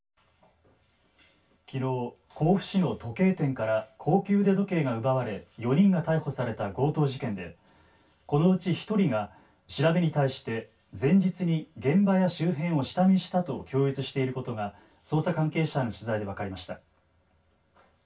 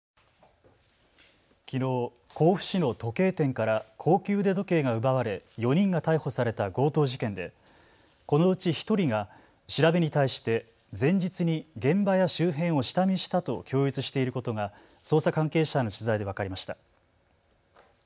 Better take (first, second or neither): second